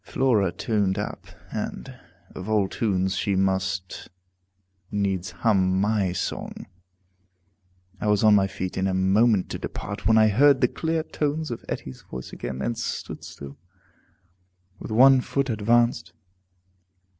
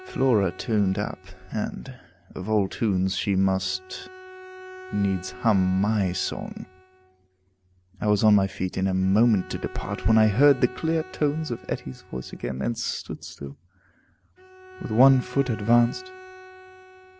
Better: first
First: none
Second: background sound (Bowed string instrument); 20 dB below the speech

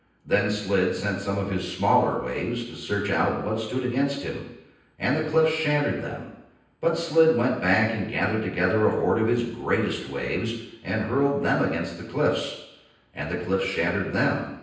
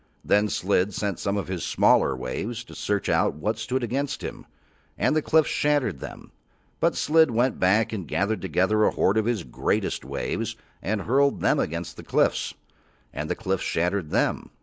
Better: second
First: room echo; dies away in 0.9 s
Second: none

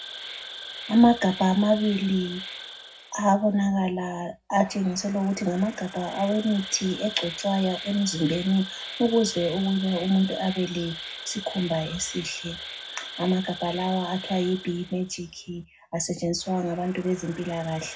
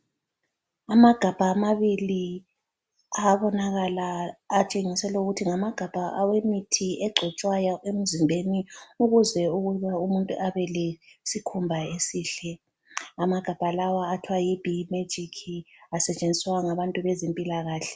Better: second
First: background sound (Insect); 14 dB below the speech // room echo; dies away in 0.4 s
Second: none

